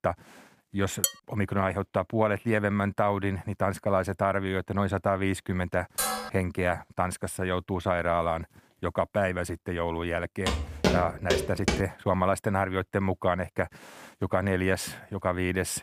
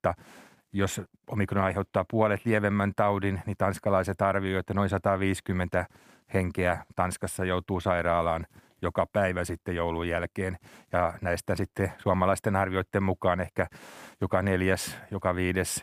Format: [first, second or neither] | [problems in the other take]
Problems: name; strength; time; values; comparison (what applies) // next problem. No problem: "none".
second | clattering dishes; very faint; at 1 s; peak level with the speech // clattering dishes; loud; at 6 s; peak level with the speech // footsteps; loud; from 10 to 12 s; peak 2 dB above the speech